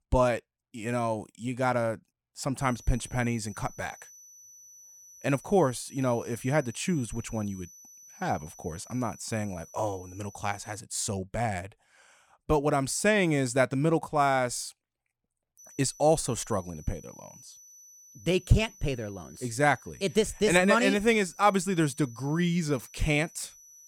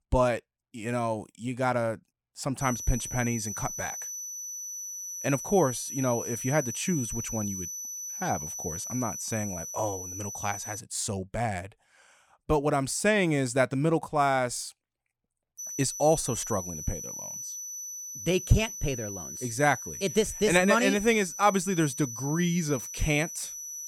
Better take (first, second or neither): first